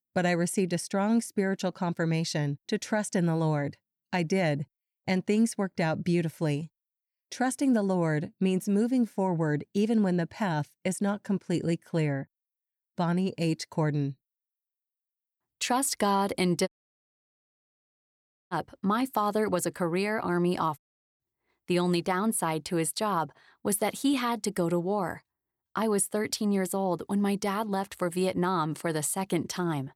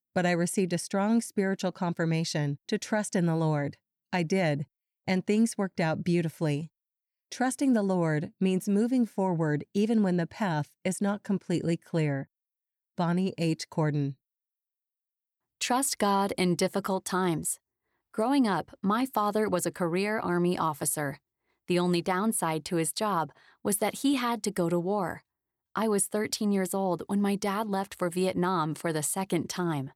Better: second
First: audio cutting out; at 17 s for 2 s and at 21 s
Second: none

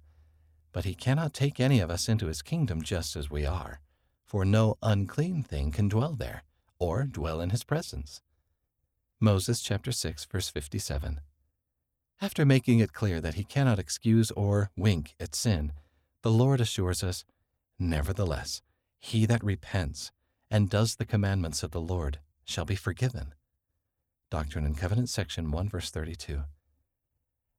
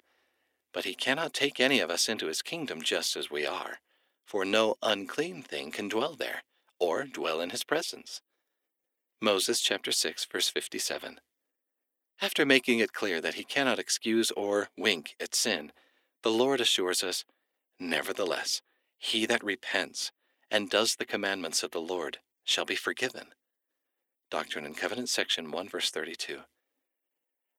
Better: first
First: none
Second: thin; very; fading below 300 Hz

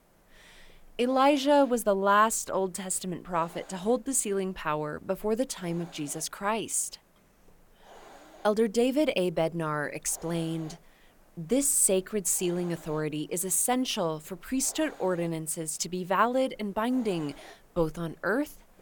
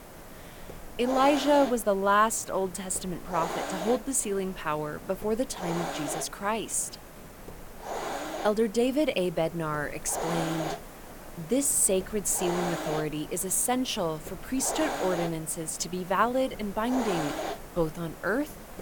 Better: first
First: hiss; faint; throughout; 25 dB below the speech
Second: hiss; loud; throughout; 10 dB below the speech

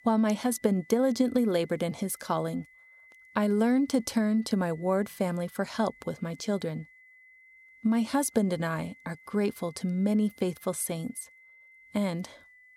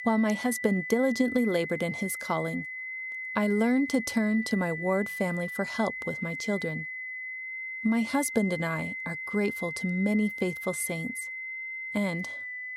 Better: first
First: high-pitched whine; faint; throughout; 2 kHz, 25 dB below the speech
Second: high-pitched whine; loud; throughout; 2 kHz, 6 dB below the speech

